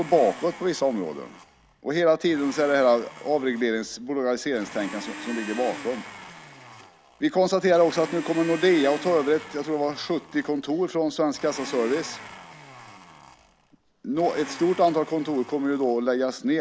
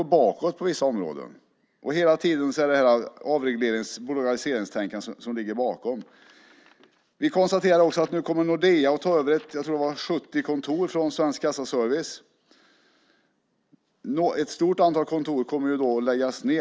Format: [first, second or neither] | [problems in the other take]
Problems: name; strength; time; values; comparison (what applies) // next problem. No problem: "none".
second | background sound (Domestic sounds, home sounds); 16 dB below the speech